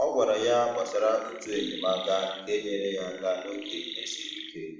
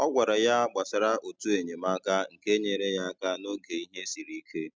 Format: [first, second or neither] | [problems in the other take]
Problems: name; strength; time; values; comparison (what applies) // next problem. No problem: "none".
second | background sound (Chirp, tweet); 13 dB below the speech // room echo; dies away in 0.8 s